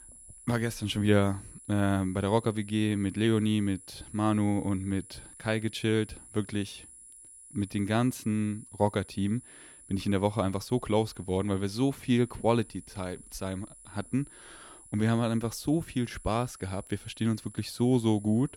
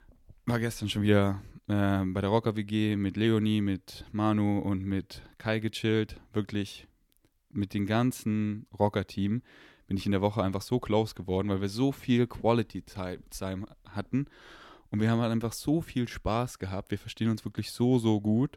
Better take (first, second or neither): second